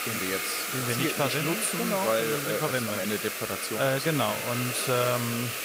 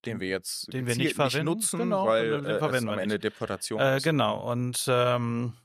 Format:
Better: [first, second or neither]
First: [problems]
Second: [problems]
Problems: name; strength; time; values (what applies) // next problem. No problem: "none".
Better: second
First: hiss; loud; throughout; 2 dB below the speech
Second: none